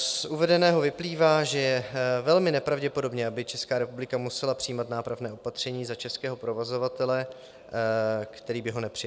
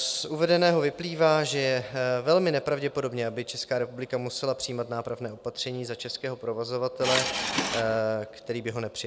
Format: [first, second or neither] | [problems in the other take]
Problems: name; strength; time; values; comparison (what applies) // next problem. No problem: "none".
first | background sound (Subway, metro, underground / Engine); 1 dB below the speech